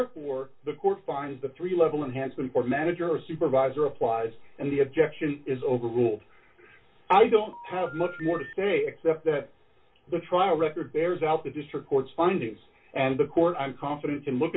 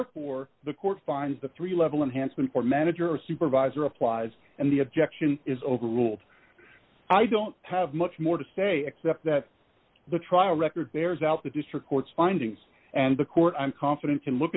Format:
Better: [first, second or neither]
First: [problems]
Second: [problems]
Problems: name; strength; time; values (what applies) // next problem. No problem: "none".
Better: second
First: background sound (Telephone); 16 dB below the speech // room echo; dies away in 0.2 s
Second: none